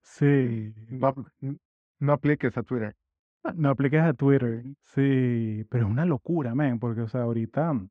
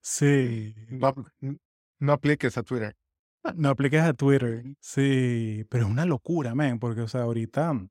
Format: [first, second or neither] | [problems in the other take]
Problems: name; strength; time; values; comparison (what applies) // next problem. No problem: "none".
second | muffled; very; fading above 2 kHz